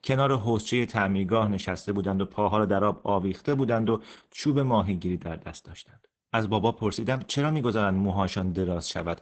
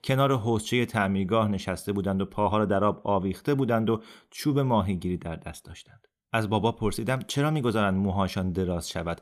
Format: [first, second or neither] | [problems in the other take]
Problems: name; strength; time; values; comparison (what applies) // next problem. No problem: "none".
second | garbled, watery; badly; nothing above 8 kHz